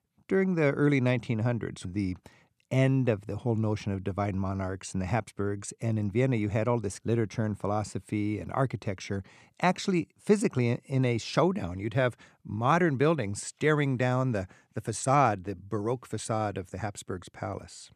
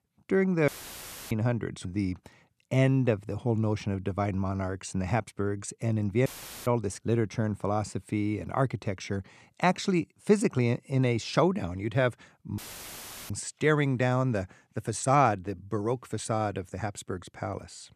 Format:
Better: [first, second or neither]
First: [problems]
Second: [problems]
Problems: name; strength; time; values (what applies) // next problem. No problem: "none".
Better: first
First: none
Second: audio cutting out; filled with static; at 0.5 s for 0.5 s, at 6.5 s and at 13 s for 0.5 s